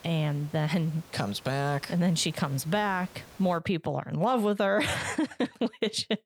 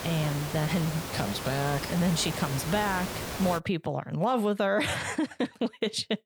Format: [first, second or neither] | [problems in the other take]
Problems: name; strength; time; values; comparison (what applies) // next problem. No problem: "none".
first | hiss; loud; until 3.5 s; 6 dB below the speech; faint in the first